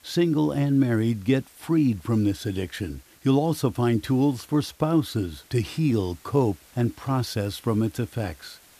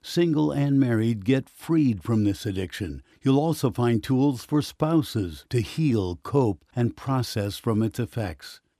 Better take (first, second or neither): second